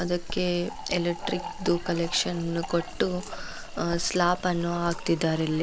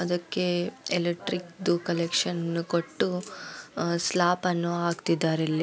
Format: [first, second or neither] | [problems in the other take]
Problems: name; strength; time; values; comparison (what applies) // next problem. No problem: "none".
second | background sound (Writing + Fill (with liquid)); 10 dB below the speech